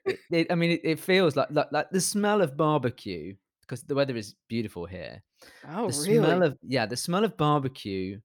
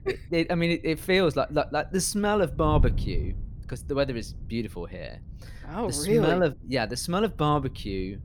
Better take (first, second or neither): first